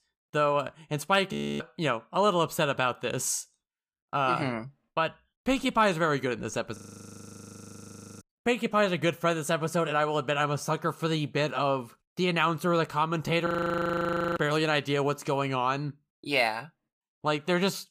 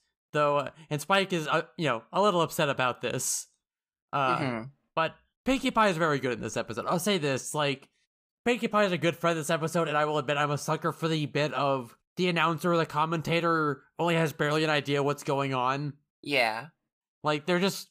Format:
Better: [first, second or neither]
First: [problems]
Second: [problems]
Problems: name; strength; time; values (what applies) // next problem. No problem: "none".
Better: second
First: audio freezing; at 1.5 s, at 7 s for 1.5 s and at 13 s for 1 s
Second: none